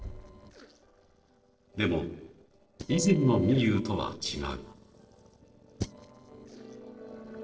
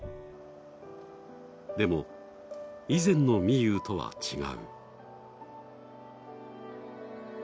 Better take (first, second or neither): second